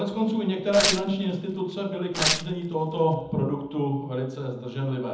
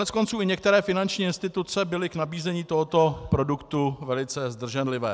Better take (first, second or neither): second